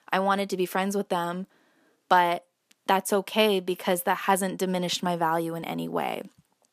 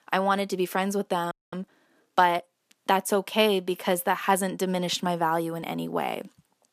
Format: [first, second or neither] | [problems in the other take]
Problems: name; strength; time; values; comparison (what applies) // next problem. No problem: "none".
first | audio freezing; at 1.5 s